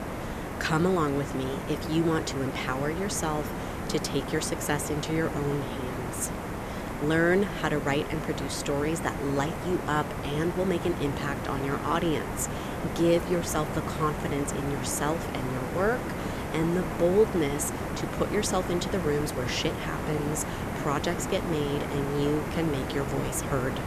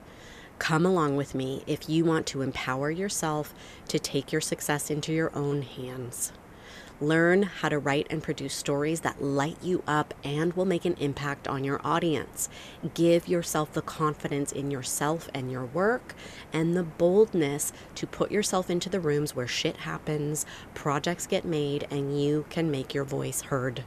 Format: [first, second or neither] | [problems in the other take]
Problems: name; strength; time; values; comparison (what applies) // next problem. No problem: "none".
second | hiss; loud; throughout; 4 dB below the speech; faint in the second